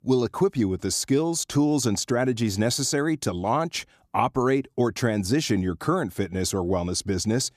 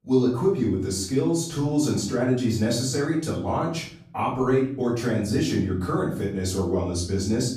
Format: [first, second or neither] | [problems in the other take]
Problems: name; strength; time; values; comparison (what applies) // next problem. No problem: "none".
first | room echo; noticeable; dies away in 0.6 s // off-mic speech; far